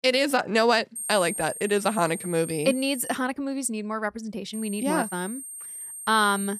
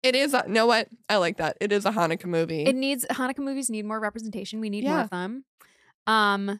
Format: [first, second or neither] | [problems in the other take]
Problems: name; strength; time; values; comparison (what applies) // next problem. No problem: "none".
second | high-pitched whine; loud; from 1 to 3 s and from 4.5 s on; 8.5 kHz, 9 dB below the speech